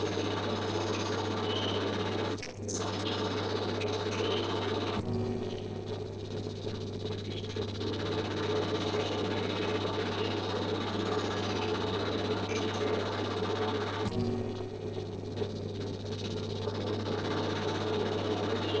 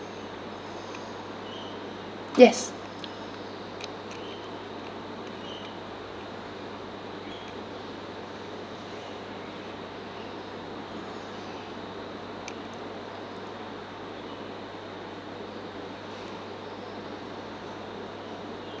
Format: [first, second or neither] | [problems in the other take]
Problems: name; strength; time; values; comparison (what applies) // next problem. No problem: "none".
second | noise reduction (neural separator model SepFormer DNS4)